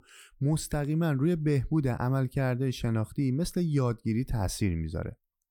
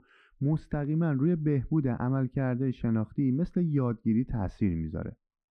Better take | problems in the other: first | muffled; very; fading above 1.5 kHz

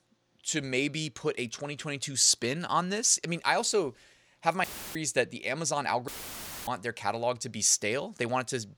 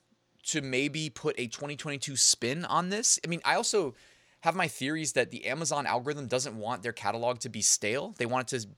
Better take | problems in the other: second | audio cutting out; filled with static; at 4.5 s and at 6 s for 0.5 s

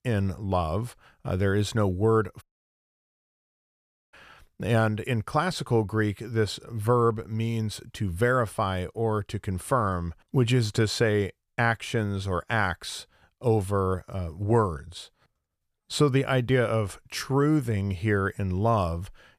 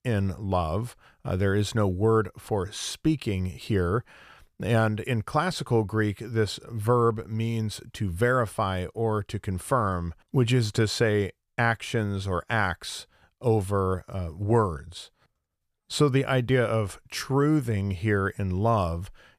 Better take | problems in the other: second | audio cutting out; at 2.5 s for 1.5 s

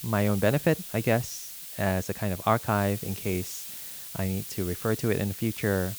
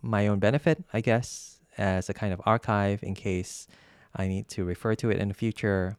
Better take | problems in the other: second | hiss; loud; throughout; 8 dB below the speech

